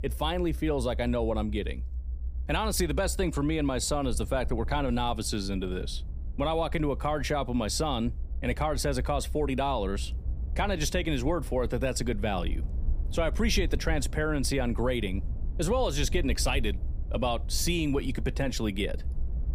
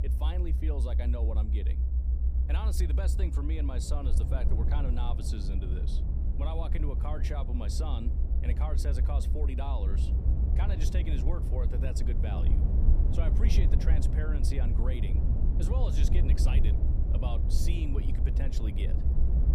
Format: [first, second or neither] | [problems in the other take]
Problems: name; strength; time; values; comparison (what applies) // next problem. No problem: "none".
first | low rumble; loud; throughout; 3 dB below the speech; faint in the first